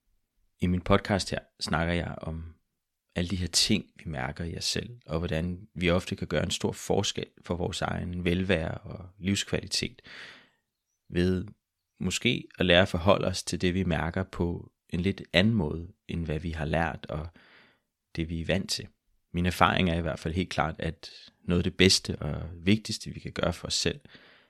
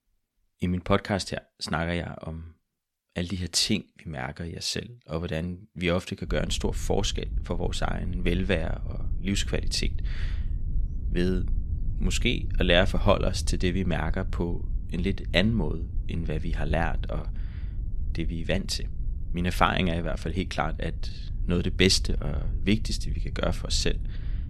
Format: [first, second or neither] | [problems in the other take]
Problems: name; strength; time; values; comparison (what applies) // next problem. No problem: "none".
first | low rumble; faint; from 6.5 s on; 20 dB below the speech